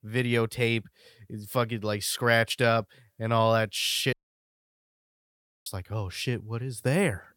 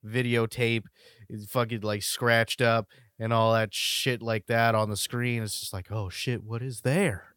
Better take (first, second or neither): second